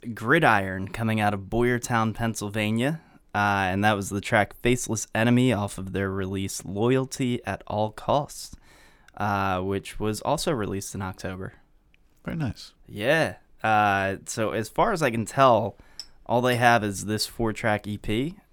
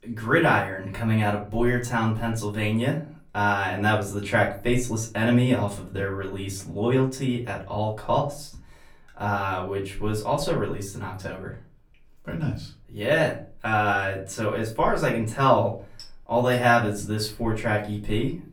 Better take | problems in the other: first | off-mic speech; far // room echo; very slight; dies away in 0.3 s

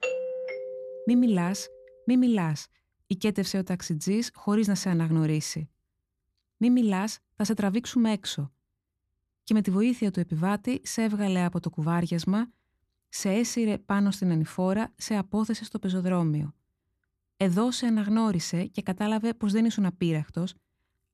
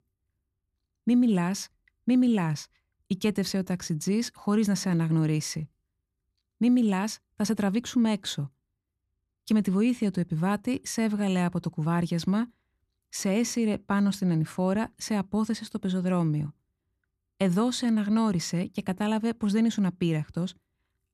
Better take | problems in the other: second | doorbell; noticeable; until 1.5 s; peak 3 dB below the speech

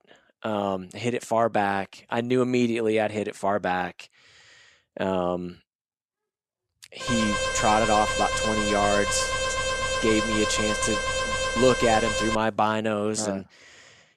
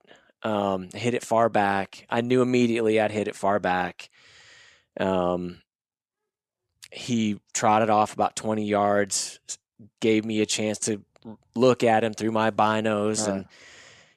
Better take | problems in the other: second | alarm; loud; from 7 to 12 s; peak level with the speech

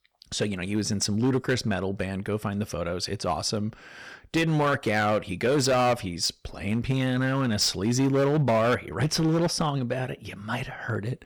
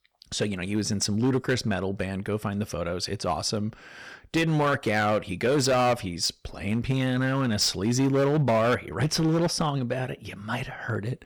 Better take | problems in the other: neither | distortion; slight; 7% of the sound clipped; the same in both

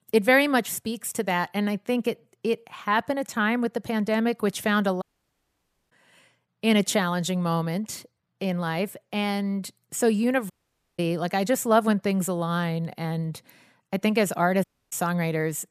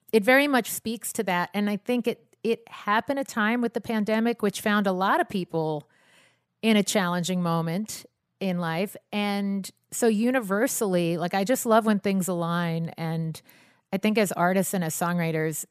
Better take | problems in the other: second | audio cutting out; at 5 s for 1 s, at 11 s and at 15 s

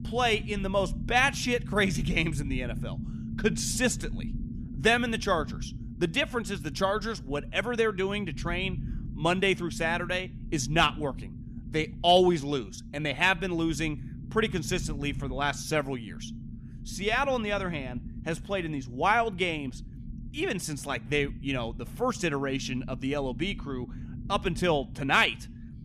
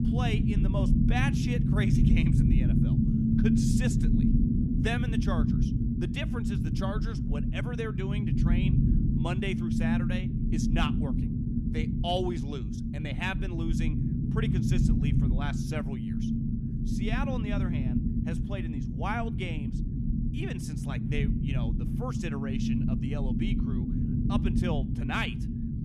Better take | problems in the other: first | low rumble; loud; throughout; as loud as the speech; faint in the first

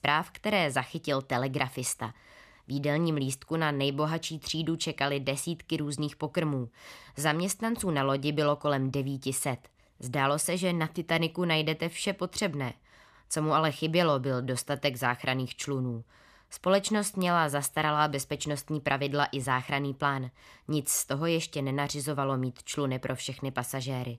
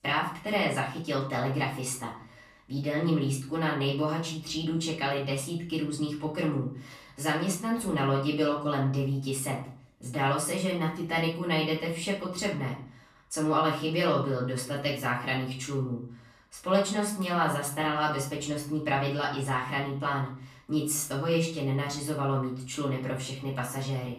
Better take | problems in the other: first | room echo; slight; dies away in 0.4 s // off-mic speech; far

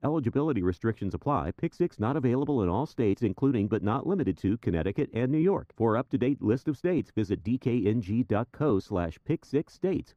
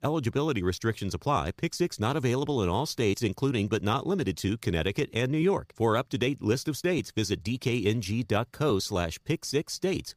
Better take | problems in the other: second | muffled; very; fading above 2.5 kHz

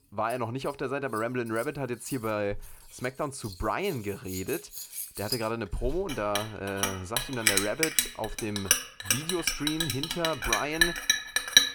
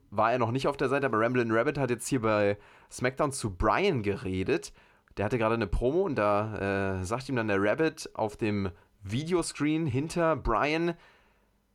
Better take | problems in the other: second | household noises; very loud; throughout; 5 dB above the speech

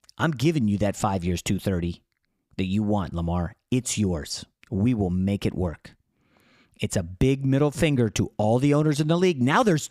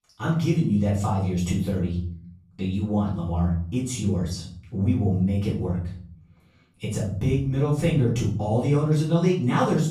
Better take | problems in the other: first | off-mic speech; far // room echo; noticeable; dies away in 0.7 s

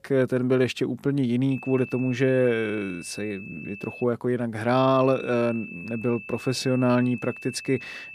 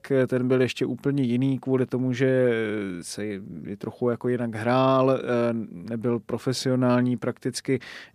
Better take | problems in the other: second | high-pitched whine; noticeable; from 1.5 to 4 s and from 5 s on; 2.5 kHz, 15 dB below the speech

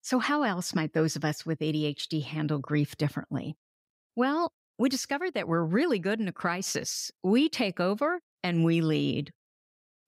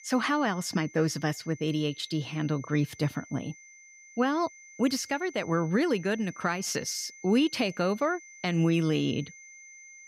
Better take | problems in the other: first | high-pitched whine; noticeable; throughout; 2 kHz, 20 dB below the speech

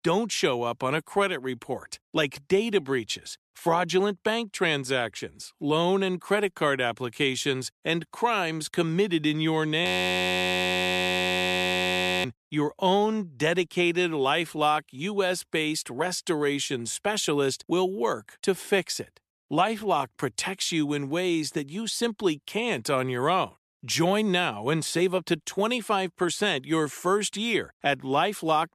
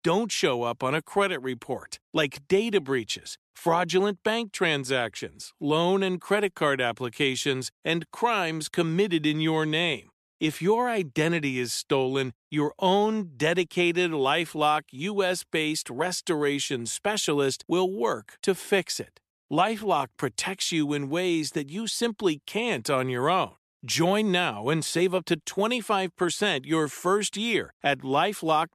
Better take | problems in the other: second | audio freezing; at 10 s for 2.5 s

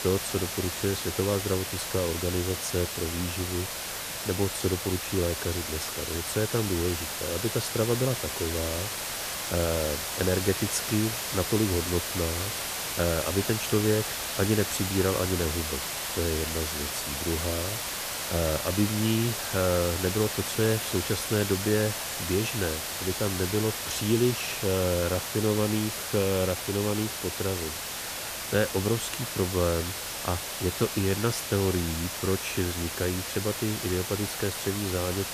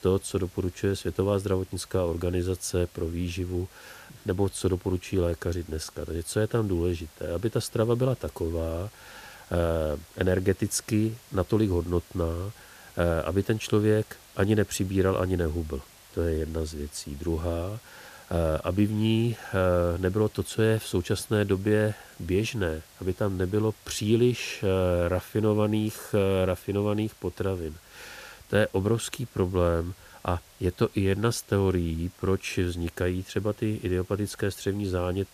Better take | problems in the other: second | hiss; loud; throughout; 2 dB below the speech; faint in the second

